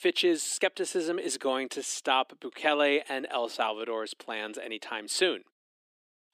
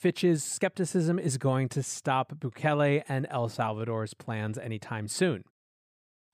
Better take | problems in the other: second | thin; somewhat; fading below 300 Hz

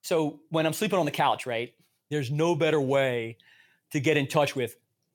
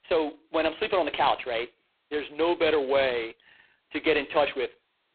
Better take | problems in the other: first | phone-call audio; poor line; nothing above 4 kHz

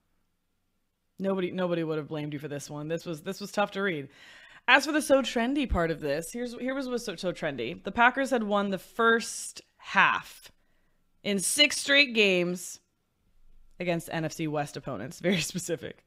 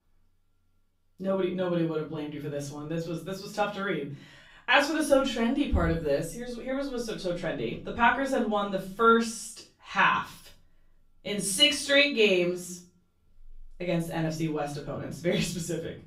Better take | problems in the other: first | off-mic speech; far // room echo; slight; dies away in 0.4 s

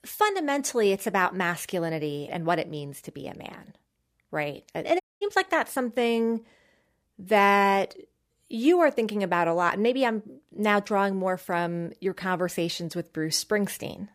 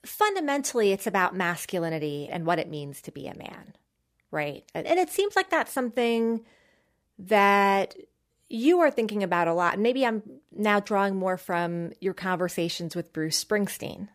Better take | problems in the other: second | audio cutting out; at 5 s

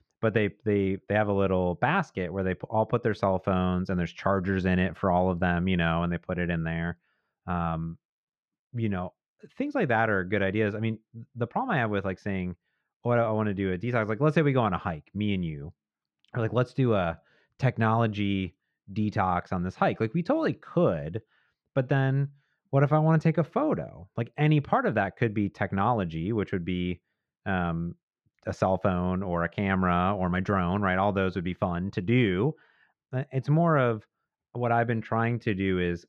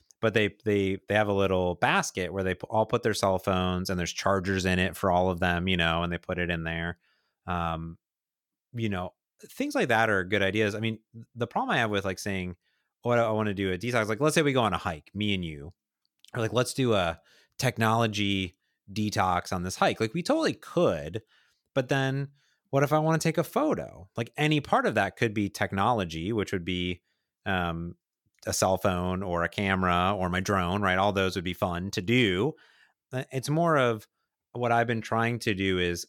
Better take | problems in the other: second | muffled; very; fading above 2 kHz

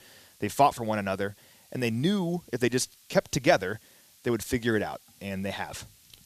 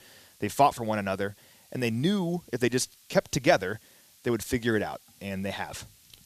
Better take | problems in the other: neither | hiss; faint; throughout; 25 dB below the speech; the same in both

